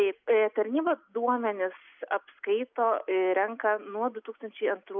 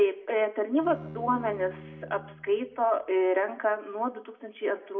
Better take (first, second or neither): first